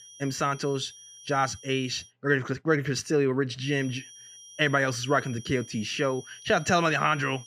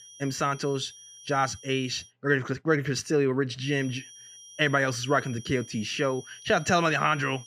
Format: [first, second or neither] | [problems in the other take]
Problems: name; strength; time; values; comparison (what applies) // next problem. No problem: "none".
neither | high-pitched whine; noticeable; until 2 s and from 3.5 s on; 5.5 kHz, 20 dB below the speech; the same in both